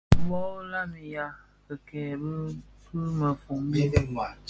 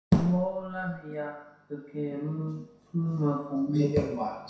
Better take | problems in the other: first | room echo; dies away in 0.7 s

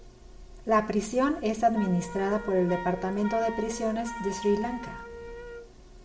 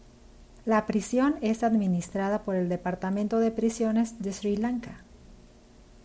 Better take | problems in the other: second | background sound (Wind instrument, woodwind instrument); 13 dB below the speech // room echo; dies away in 0.6 s

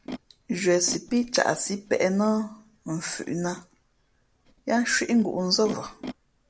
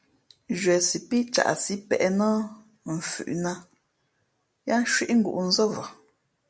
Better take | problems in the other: second | background sound (Animal); 18 dB below the speech

